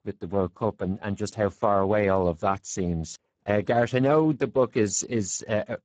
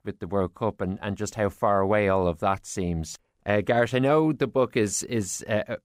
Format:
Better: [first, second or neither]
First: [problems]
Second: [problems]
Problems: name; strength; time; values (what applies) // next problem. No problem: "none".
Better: second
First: garbled, watery; badly; nothing above 7.5 kHz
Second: none